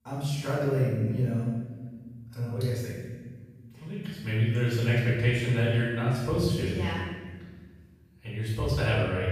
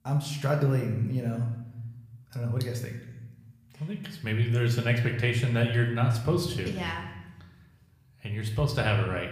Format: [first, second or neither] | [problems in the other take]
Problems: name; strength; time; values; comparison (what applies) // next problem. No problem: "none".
second | room echo; strong; dies away in 1.3 s; slight in the second // off-mic speech; far; somewhat distant in the second